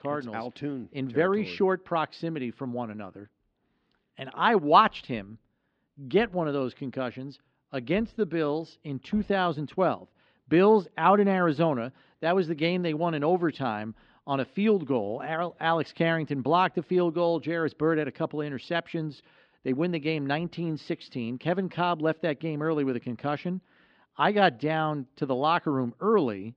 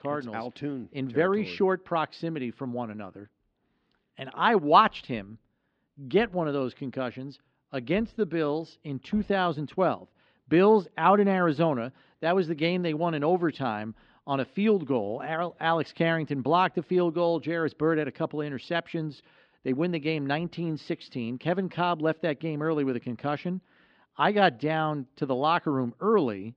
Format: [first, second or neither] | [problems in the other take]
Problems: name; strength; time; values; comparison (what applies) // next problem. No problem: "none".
neither | muffled; slightly; fading above 4 kHz; the same in both